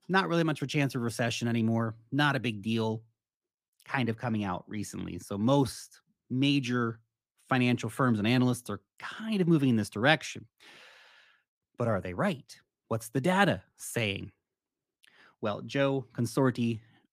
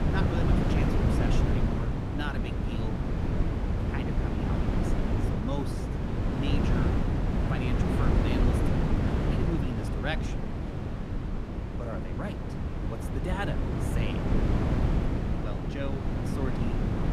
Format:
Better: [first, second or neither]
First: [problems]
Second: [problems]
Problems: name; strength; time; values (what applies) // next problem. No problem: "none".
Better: first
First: none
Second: wind noise on the microphone; heavy; 3 dB above the speech